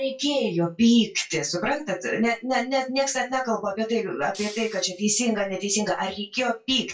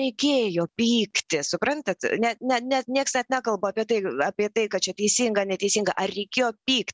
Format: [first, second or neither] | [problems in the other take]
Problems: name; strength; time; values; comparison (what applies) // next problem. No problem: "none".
second | noise reduction (classical method WPE with log-MMSE)